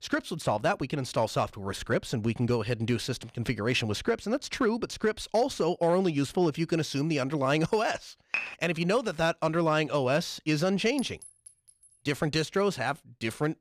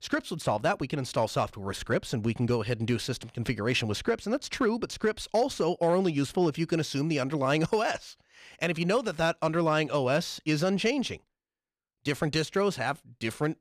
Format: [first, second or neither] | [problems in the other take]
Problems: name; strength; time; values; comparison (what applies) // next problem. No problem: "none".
second | clattering dishes; noticeable; at 8.5 s; peak 3 dB below the speech // clattering dishes; faint; at 11 s; peak 15 dB below the speech